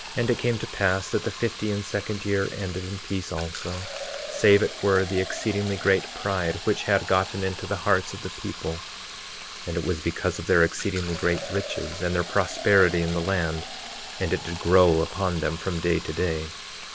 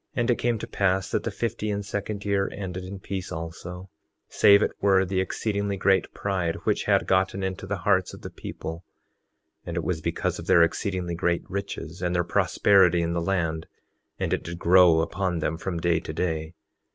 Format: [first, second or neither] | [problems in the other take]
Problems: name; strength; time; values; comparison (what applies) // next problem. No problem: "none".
second | background sound (Fill (with liquid)); 11 dB below the speech